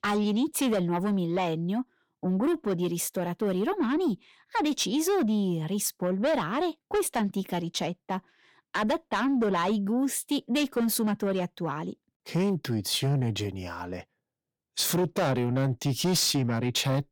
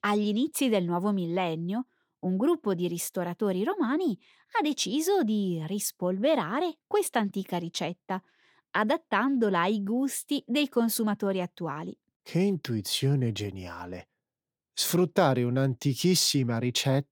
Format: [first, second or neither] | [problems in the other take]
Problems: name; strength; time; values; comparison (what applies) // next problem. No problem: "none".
second | distortion; slight; 10 dB below the speech